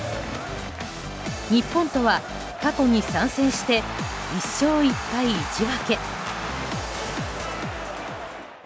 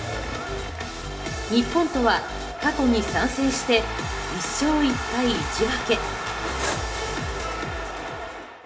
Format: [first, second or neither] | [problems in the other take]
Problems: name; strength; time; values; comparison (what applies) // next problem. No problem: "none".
first | background sound (Cutlery, silverware); 12 dB below the speech // room echo; dies away in 0.5 s